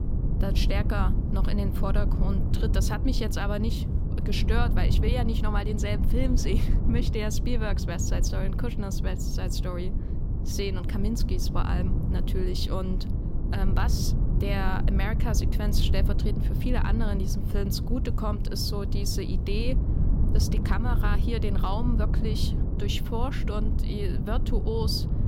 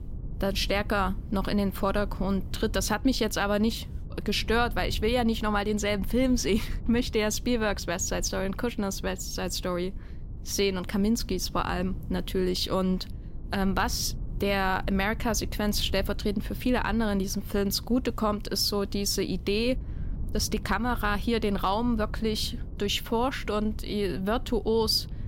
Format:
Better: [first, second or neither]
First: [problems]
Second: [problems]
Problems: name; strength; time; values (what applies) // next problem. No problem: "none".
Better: second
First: low rumble; loud; throughout; 6 dB below the speech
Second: low rumble; faint; throughout; 25 dB below the speech